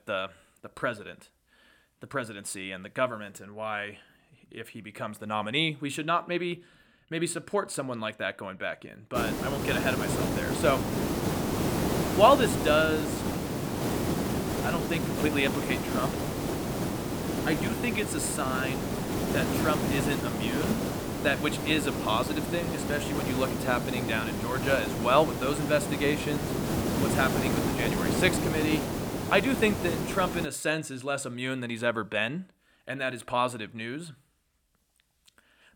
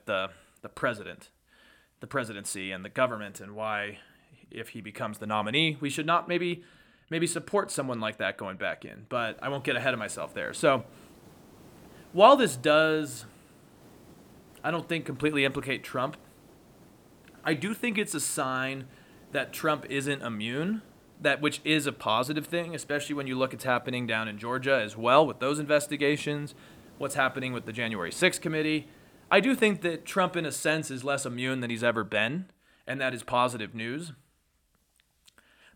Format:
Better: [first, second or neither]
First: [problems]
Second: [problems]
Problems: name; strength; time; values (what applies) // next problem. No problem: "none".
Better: second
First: hiss; loud; from 9 to 30 s; 1 dB below the speech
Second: hiss; faint; from 9 to 30 s; 25 dB below the speech